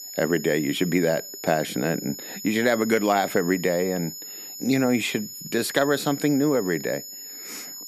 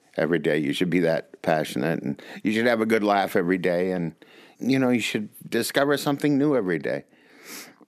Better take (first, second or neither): second